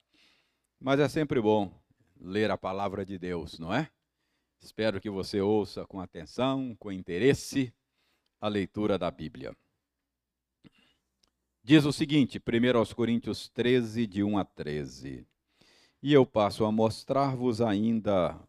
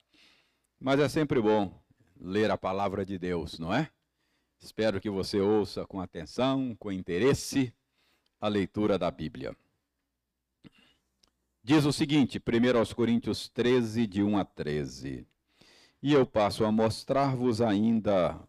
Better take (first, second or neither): first